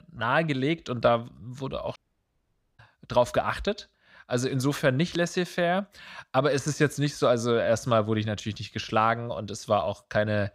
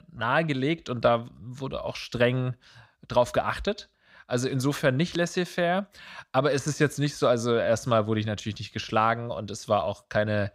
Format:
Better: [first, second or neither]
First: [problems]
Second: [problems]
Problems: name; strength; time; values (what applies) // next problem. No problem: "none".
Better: second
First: audio cutting out; at 2 s for 1 s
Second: none